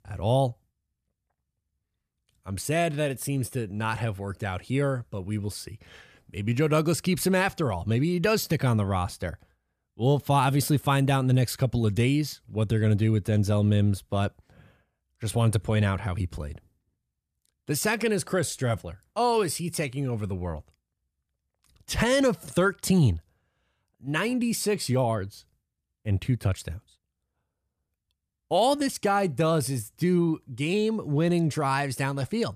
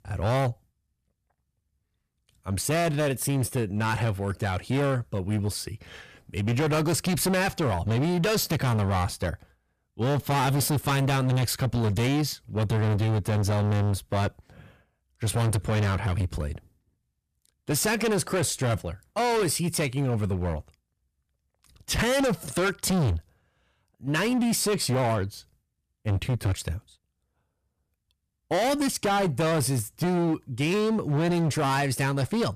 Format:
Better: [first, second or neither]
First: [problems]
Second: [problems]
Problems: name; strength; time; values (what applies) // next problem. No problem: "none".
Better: first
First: none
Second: distortion; heavy; 20% of the sound clipped